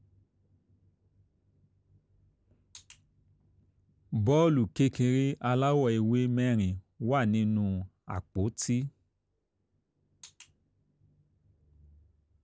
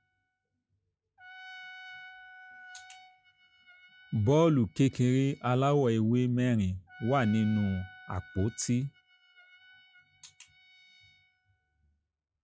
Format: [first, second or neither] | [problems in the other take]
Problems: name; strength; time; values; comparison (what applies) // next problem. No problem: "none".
first | noise reduction (classical method log-MMSE)